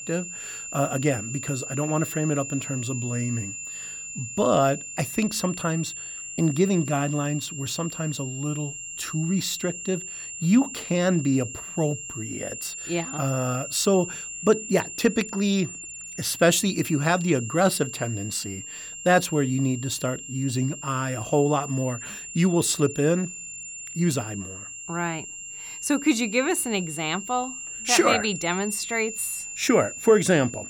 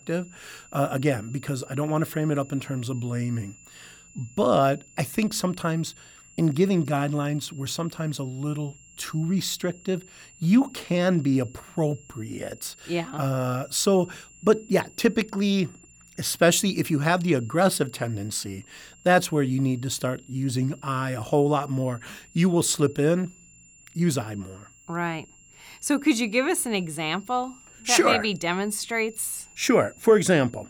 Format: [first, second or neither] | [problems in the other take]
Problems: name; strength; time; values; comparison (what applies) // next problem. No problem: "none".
second | high-pitched whine; loud; throughout; 7 kHz, 9 dB below the speech; faint in the second